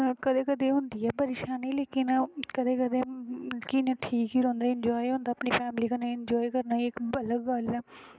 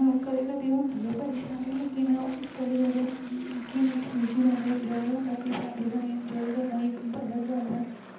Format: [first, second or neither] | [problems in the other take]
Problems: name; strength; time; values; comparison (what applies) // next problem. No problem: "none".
first | background sound (Aircraft); 18 dB below the speech // room echo; dies away in 0.8 s